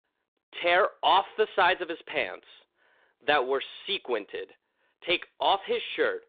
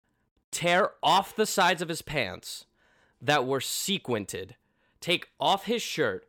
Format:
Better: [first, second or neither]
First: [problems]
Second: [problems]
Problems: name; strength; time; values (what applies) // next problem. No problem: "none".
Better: second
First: phone-call audio; nothing above 3.5 kHz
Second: none